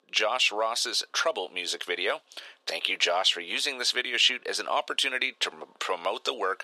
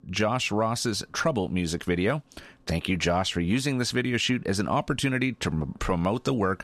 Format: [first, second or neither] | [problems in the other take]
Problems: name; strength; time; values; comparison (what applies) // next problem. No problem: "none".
second | thin; very; fading below 450 Hz